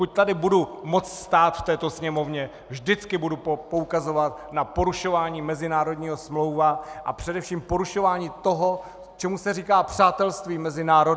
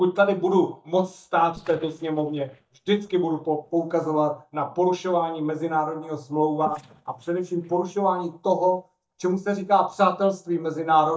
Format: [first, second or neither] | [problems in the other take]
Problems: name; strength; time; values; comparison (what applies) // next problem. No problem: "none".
first | noise reduction (neural mask model DeepFilterNet 3)